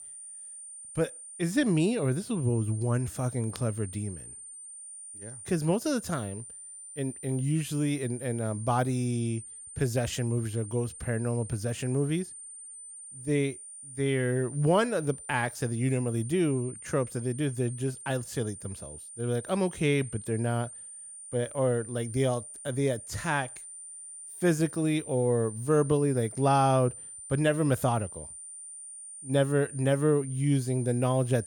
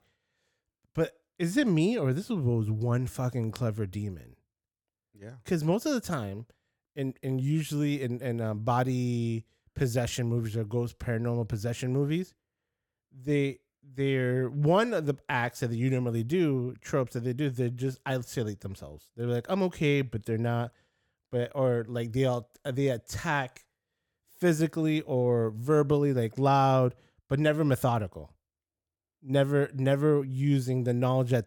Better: second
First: high-pitched whine; noticeable; throughout; 9 kHz, 15 dB below the speech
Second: none

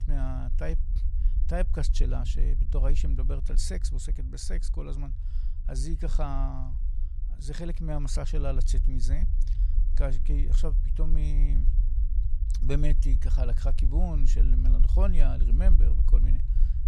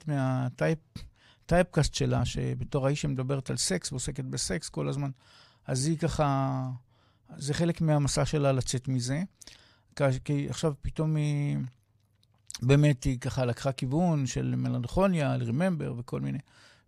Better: second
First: low rumble; noticeable; throughout; 10 dB below the speech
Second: none

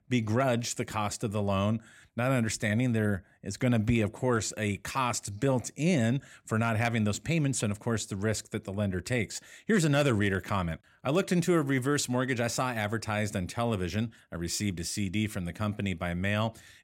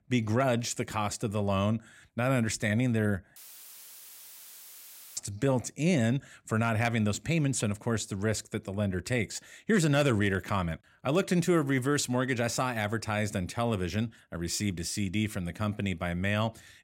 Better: first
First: none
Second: audio cutting out; filled with static; at 3.5 s for 2 s

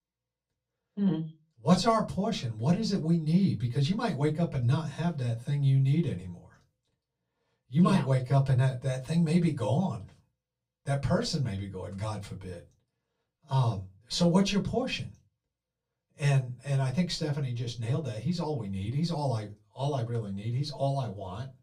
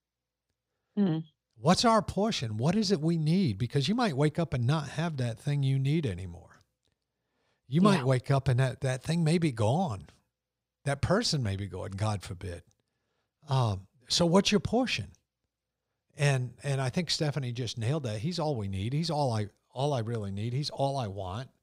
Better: second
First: off-mic speech; far // room echo; very slight; dies away in 0.2 s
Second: none

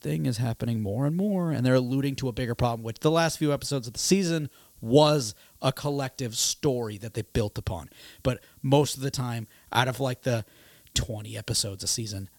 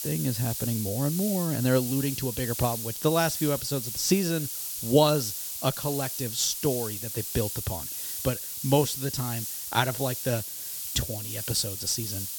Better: first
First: hiss; faint; throughout; 30 dB below the speech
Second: hiss; loud; throughout; 4 dB below the speech

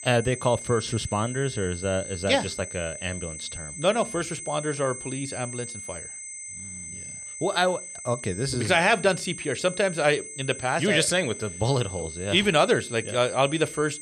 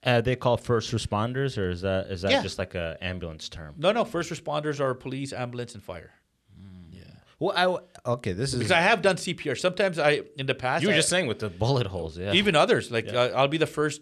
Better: second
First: high-pitched whine; noticeable; throughout; 8 kHz, 10 dB below the speech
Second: none

